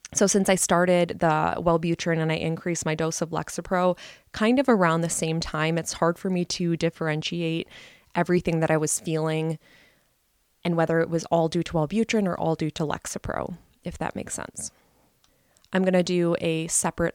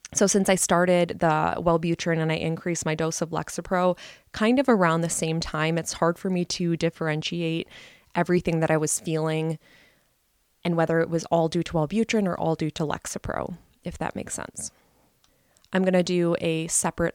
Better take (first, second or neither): neither